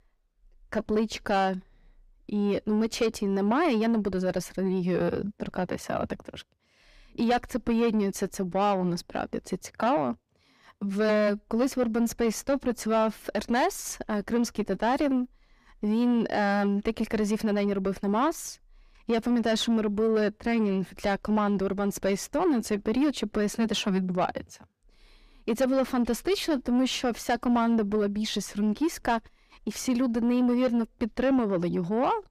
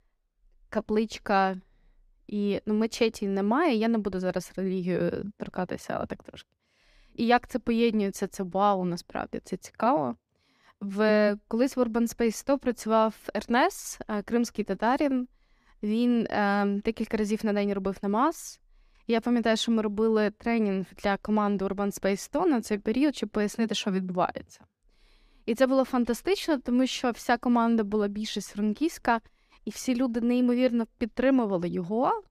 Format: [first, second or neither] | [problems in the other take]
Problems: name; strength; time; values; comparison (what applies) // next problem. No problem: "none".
second | distortion; slight; 10 dB below the speech